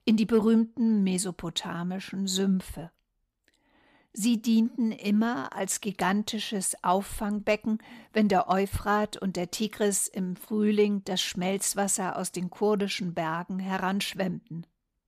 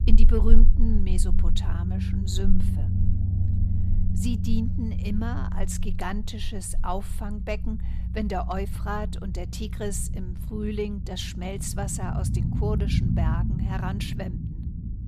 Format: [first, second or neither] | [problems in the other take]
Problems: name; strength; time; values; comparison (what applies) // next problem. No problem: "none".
first | low rumble; loud; throughout; 7 dB below the speech